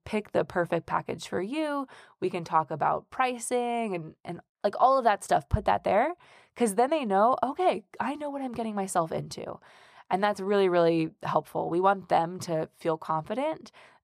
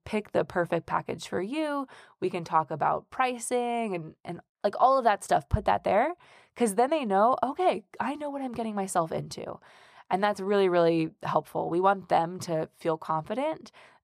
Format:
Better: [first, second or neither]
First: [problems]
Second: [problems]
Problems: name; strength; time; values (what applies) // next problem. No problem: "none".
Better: neither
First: muffled; slightly; fading above 1.5 kHz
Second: muffled; slightly; fading above 1.5 kHz